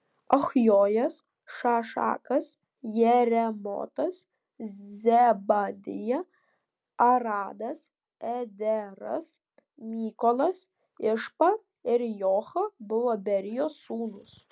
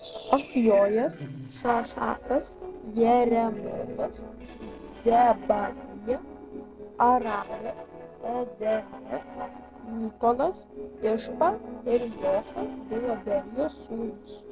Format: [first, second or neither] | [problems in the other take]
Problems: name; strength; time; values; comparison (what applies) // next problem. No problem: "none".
first | noise reduction (neural separator model SepFormer DNS4)